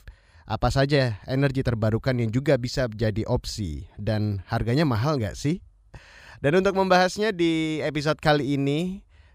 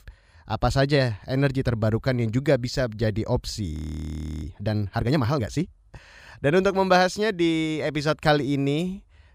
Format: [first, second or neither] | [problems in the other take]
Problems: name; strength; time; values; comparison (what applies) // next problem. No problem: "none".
first | audio freezing; at 3.5 s for 0.5 s